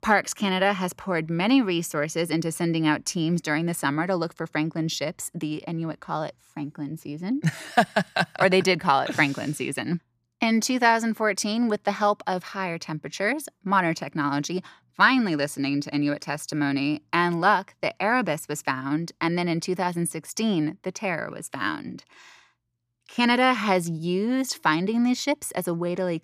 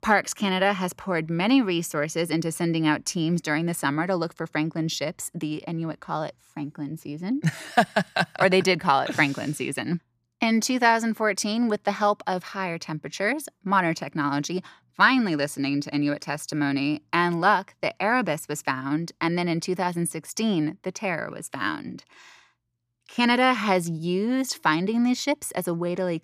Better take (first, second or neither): neither